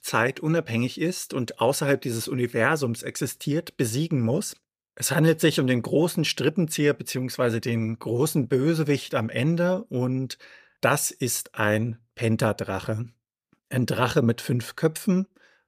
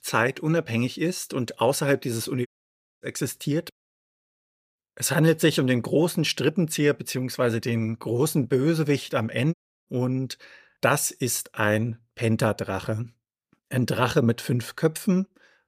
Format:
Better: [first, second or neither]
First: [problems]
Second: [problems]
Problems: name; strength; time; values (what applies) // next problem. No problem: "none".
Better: first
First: none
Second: audio cutting out; at 2.5 s for 0.5 s, at 3.5 s for 1 s and at 9.5 s